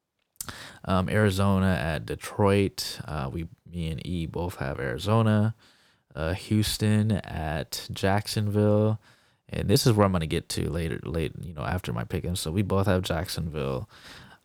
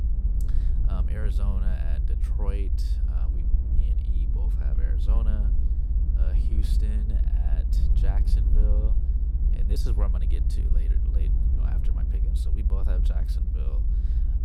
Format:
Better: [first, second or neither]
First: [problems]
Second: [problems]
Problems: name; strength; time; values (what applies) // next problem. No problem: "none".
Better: first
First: none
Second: low rumble; loud; throughout; as loud as the speech